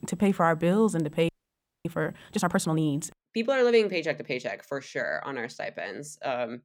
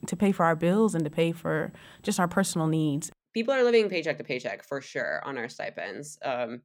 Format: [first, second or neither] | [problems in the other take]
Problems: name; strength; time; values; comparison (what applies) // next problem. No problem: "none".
second | audio freezing; at 1.5 s for 0.5 s